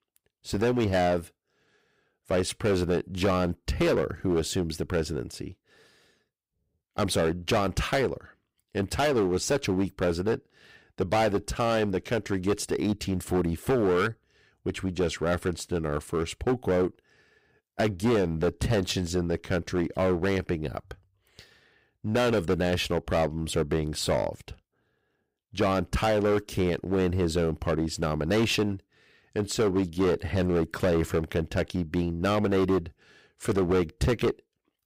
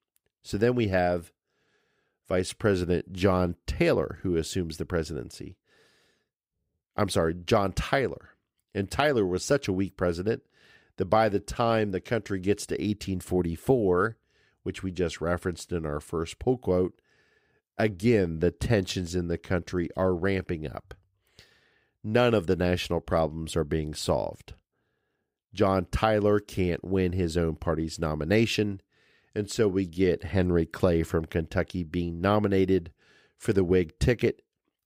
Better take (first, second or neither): second